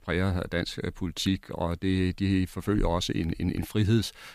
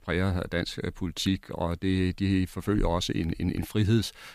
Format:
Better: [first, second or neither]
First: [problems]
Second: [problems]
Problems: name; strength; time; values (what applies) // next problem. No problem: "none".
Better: neither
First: none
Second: none